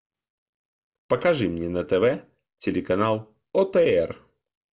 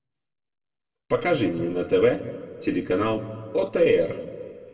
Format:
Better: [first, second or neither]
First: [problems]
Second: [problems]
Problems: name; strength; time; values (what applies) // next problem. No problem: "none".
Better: first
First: none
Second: room echo; dies away in 1.6 s